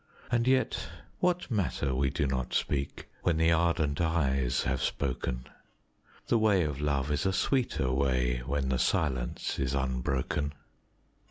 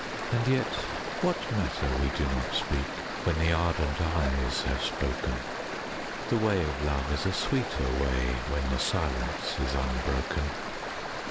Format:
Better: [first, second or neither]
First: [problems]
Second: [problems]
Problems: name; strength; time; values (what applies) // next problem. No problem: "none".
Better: first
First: none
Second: background sound (Stream); 5 dB below the speech